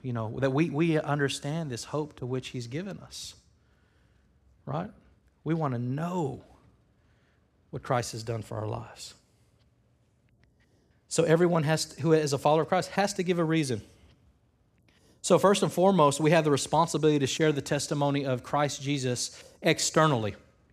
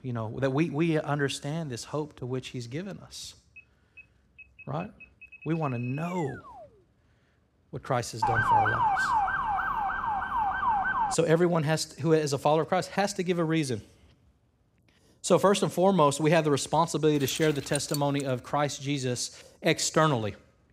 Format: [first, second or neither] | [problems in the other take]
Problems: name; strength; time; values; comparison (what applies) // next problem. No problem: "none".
first | alarm; faint; from 3.5 to 7 s; peak 15 dB below the speech // siren; loud; from 8 to 11 s; peak 4 dB above the speech // jangling keys; noticeable; from 17 to 18 s; peak 8 dB below the speech